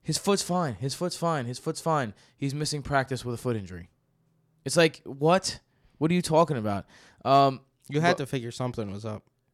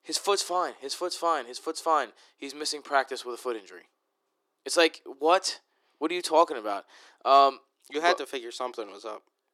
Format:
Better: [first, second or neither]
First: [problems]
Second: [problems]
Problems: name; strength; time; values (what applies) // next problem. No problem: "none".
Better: first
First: none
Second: thin; very; fading below 350 Hz